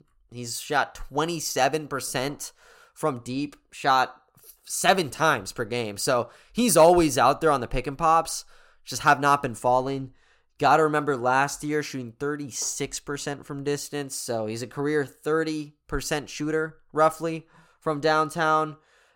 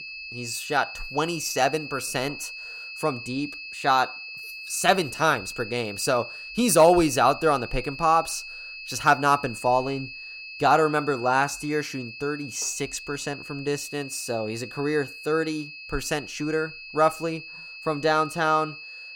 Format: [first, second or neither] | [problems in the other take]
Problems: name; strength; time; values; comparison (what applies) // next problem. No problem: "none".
first | high-pitched whine; noticeable; throughout; 2.5 kHz, 10 dB below the speech